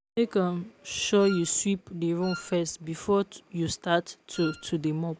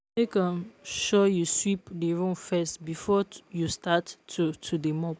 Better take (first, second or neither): second